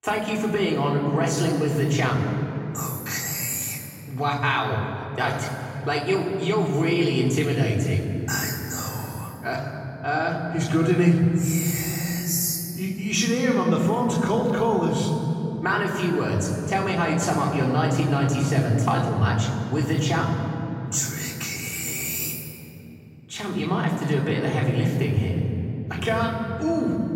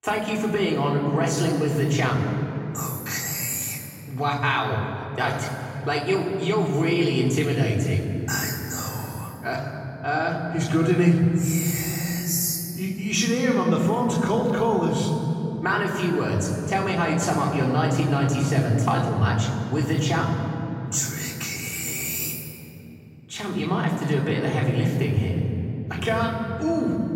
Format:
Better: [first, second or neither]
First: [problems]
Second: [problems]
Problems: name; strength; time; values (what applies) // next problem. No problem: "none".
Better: neither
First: room echo; noticeable; dies away in 3 s // off-mic speech; far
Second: room echo; noticeable; dies away in 3 s // off-mic speech; far